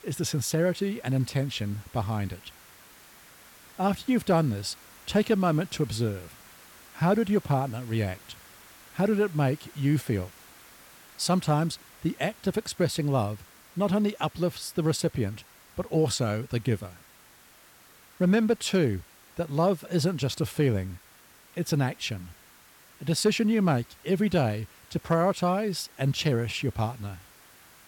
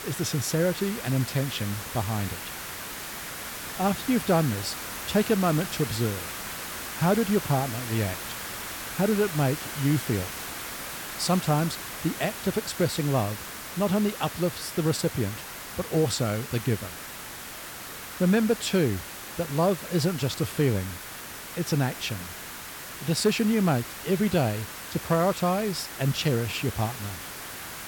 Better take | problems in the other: first | hiss; loud; throughout; 8 dB below the speech; faint in the first

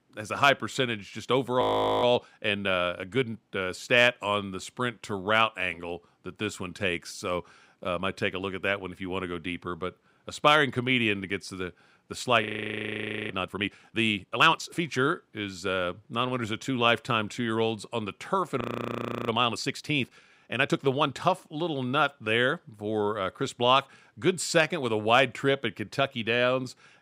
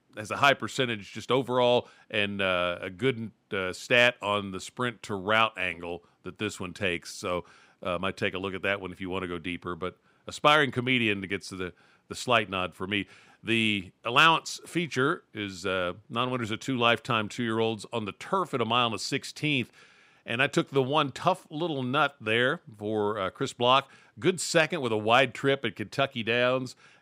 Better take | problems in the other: second | audio freezing; at 1.5 s, at 12 s for 1 s and at 19 s for 0.5 s

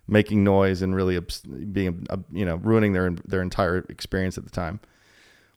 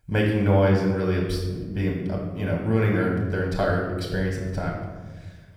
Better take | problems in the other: first | off-mic speech; far // room echo; noticeable; dies away in 1.3 s

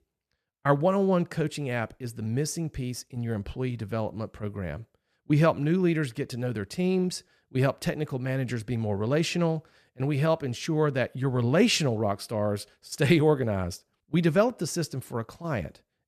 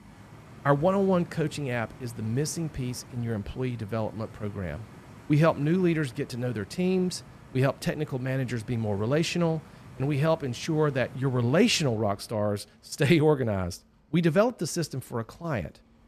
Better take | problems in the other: first | rain or running water; faint; throughout; 20 dB below the speech

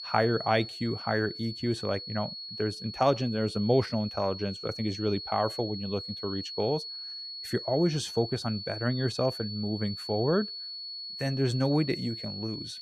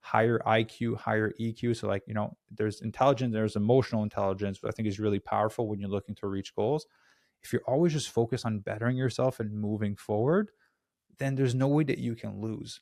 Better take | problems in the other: second | high-pitched whine; loud; throughout; 4.5 kHz, 8 dB below the speech

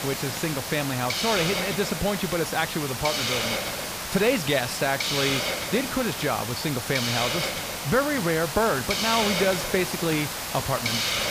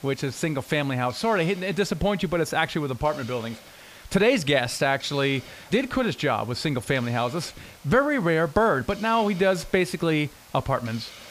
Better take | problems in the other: second | hiss; loud; throughout; 1 dB below the speech; faint in the second

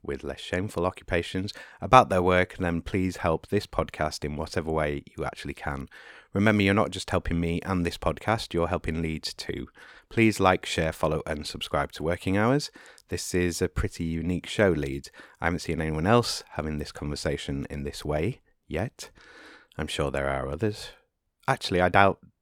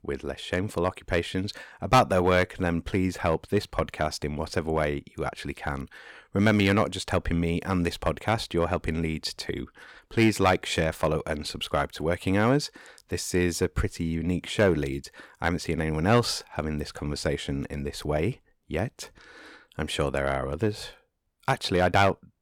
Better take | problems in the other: first | distortion; slight; 0.8% of the sound clipped

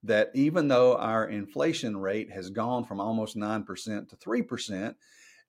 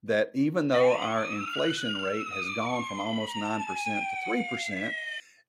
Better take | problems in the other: first | siren; noticeable; from 0.5 s on; peak level with the speech

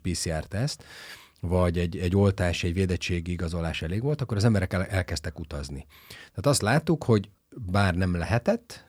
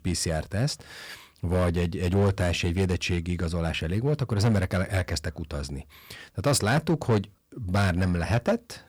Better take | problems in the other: first | distortion; slight; 5% of the sound clipped

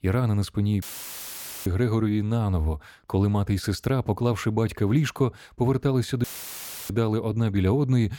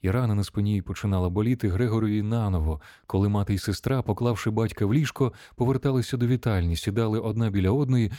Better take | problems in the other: second | audio cutting out; filled with static; at 1 s for 1 s and at 6 s for 0.5 s

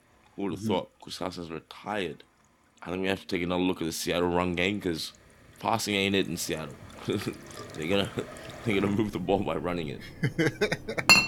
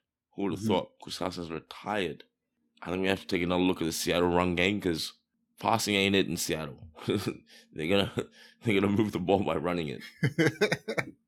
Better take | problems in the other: second | household noises; loud; throughout; 4 dB below the speech

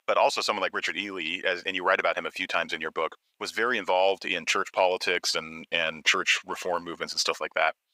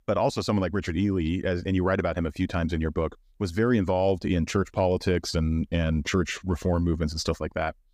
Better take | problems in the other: second | thin; very; fading below 800 Hz

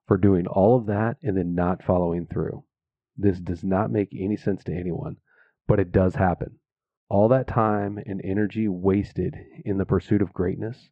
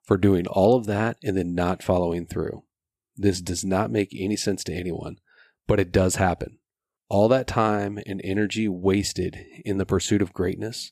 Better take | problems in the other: second | muffled; very; fading above 1.5 kHz

